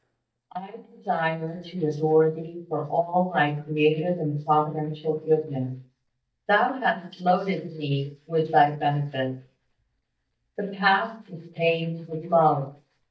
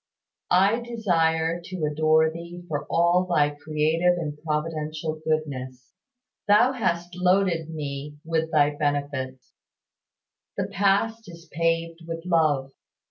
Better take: second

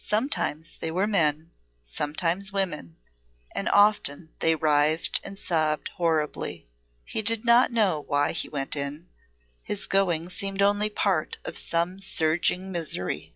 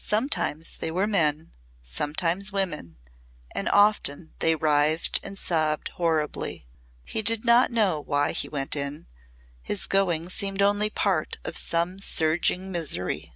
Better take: second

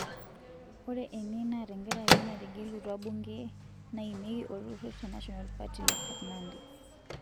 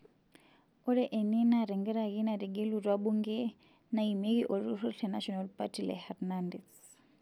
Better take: second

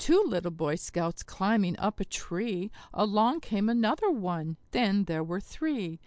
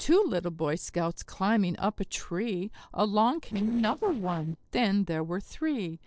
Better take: first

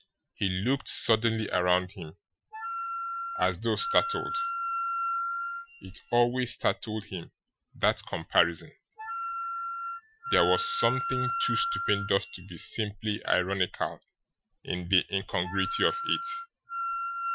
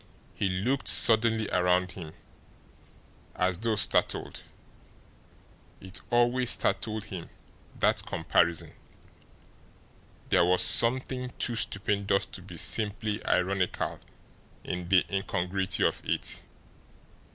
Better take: second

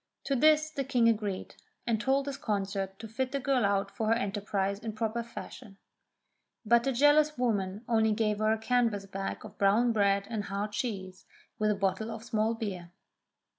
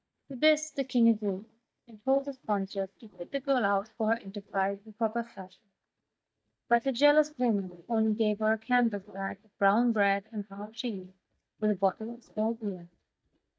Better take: first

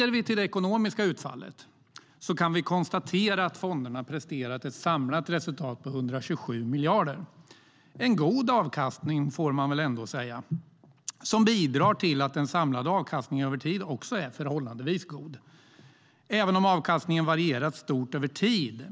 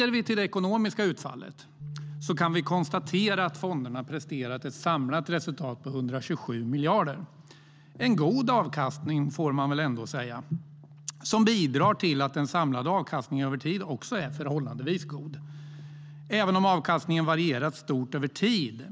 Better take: first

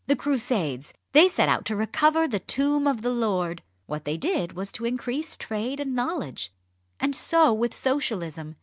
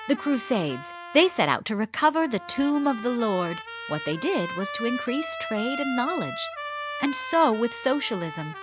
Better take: first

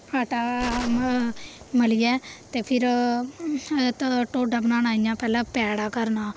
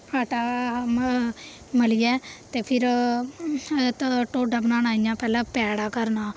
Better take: second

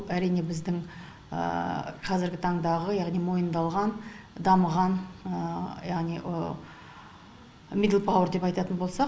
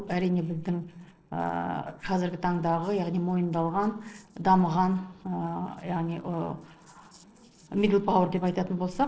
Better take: first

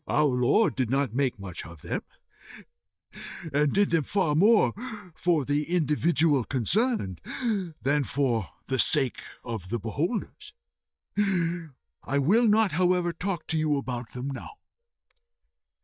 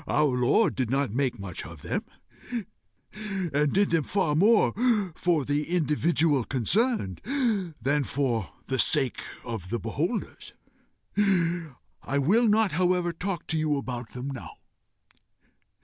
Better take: second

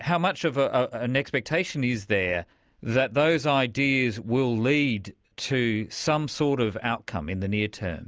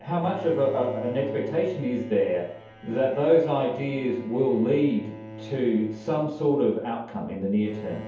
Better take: first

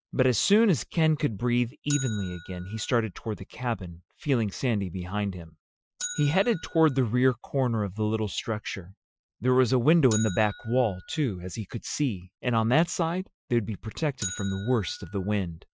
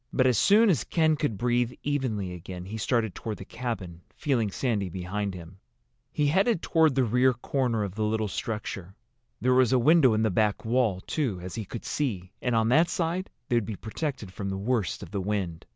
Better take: second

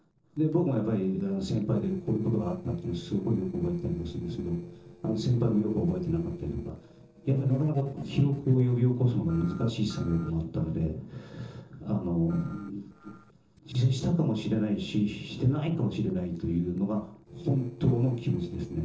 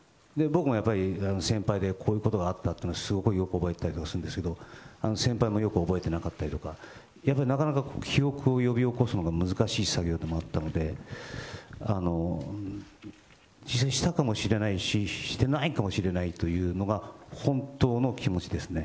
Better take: second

